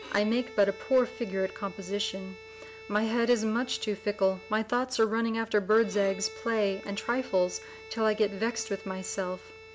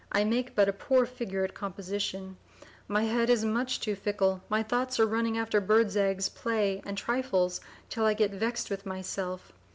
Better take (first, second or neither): second